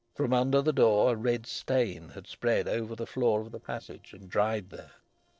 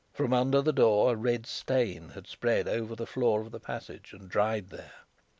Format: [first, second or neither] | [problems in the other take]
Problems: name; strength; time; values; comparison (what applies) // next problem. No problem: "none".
second | noise reduction (neural separator model SepFormer DNS4)